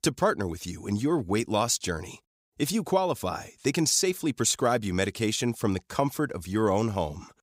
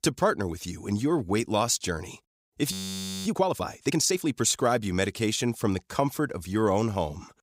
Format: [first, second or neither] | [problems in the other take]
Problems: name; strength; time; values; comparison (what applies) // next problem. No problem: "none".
first | audio freezing; at 2.5 s for 0.5 s